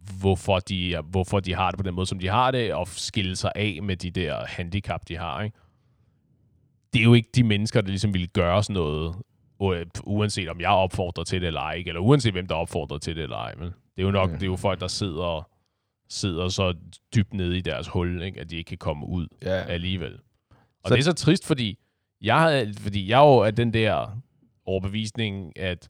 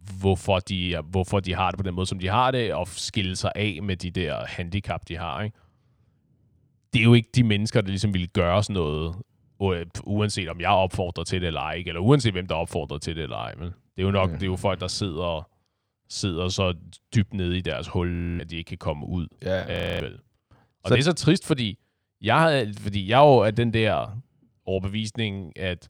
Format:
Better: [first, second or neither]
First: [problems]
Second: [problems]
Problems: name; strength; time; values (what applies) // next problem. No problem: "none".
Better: first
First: none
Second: audio freezing; at 18 s and at 20 s